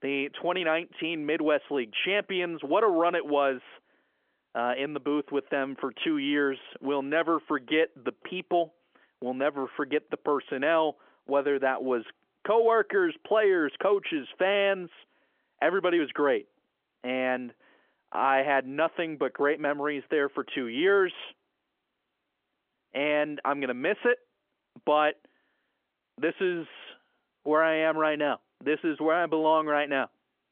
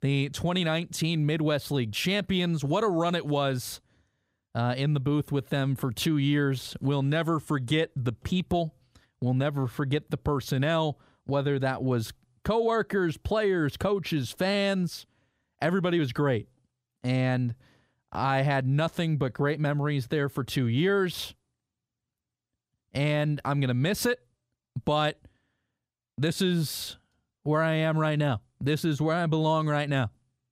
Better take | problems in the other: second | phone-call audio; nothing above 3.5 kHz

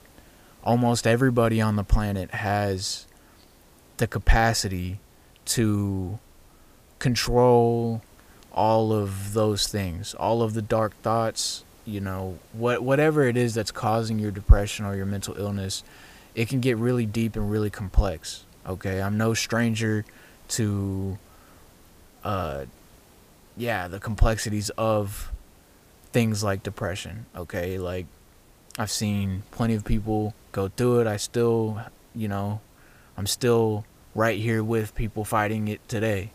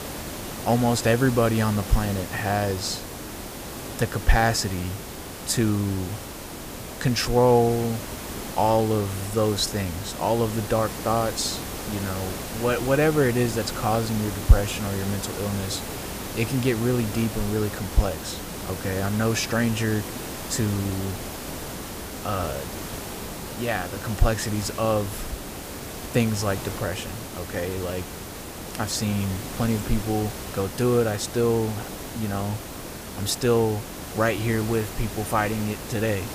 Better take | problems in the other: first | hiss; loud; throughout; 8 dB below the speech; faint in the first

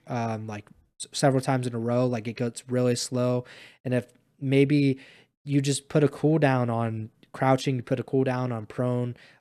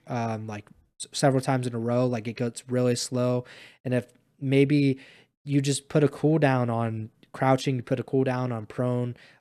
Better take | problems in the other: neither | none

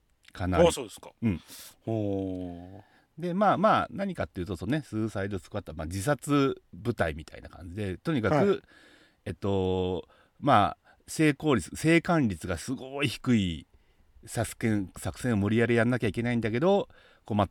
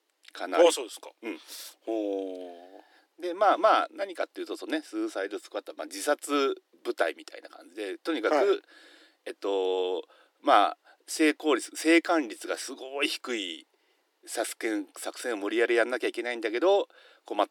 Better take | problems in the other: first | thin; somewhat; fading below 300 Hz

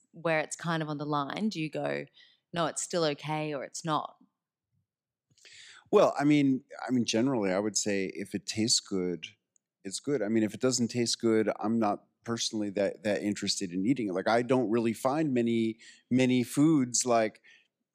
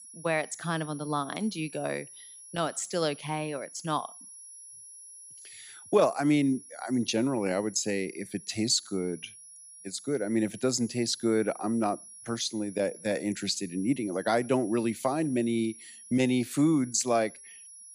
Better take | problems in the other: first | high-pitched whine; noticeable; throughout; 10.5 kHz, 15 dB below the speech

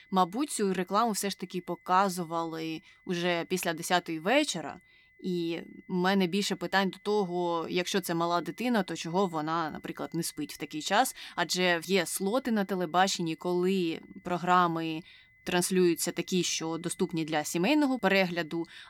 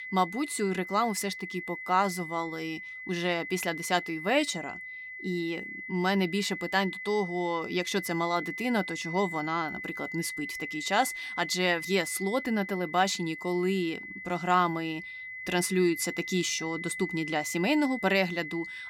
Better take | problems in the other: first | high-pitched whine; loud; throughout; 2 kHz, 8 dB below the speech; faint in the first

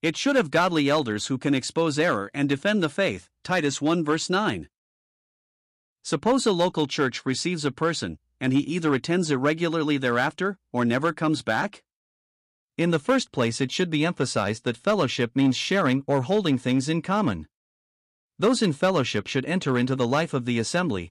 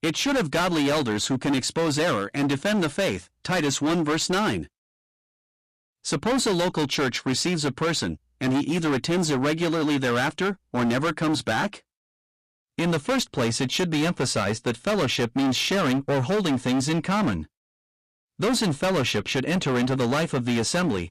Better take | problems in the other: first | distortion; heavy; 23% of the sound clipped

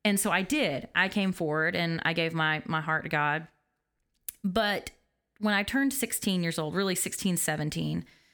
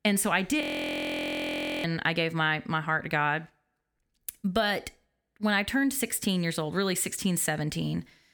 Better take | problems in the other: first | audio freezing; at 0.5 s for 1 s

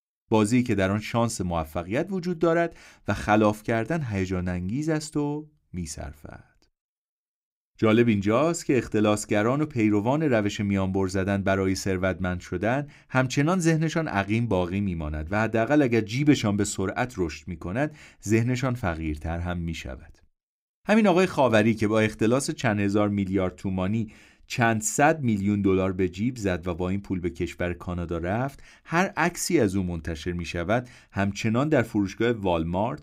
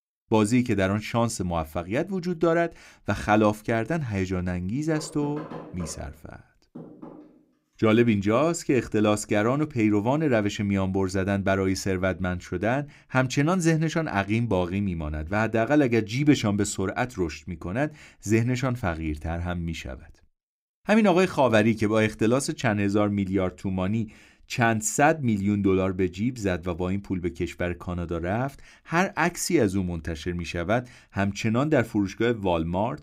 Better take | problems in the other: first | door banging; faint; from 5 to 7.5 s; peak 15 dB below the speech

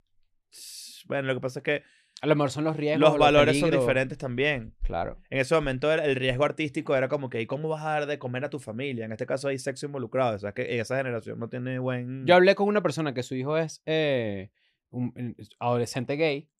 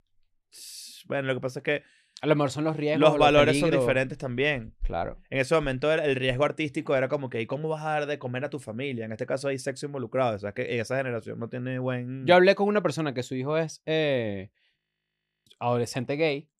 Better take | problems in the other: first | audio freezing; at 15 s for 0.5 s

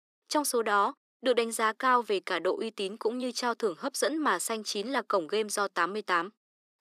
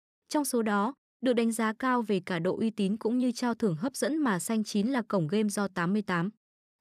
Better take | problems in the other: second | thin; somewhat; fading below 350 Hz

